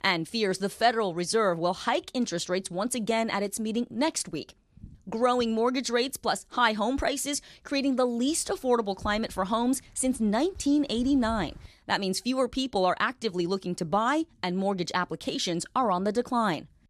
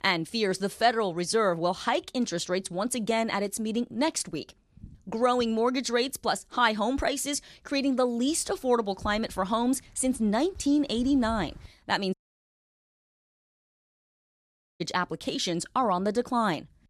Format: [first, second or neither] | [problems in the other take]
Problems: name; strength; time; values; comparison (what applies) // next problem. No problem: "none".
first | audio cutting out; at 12 s for 2.5 s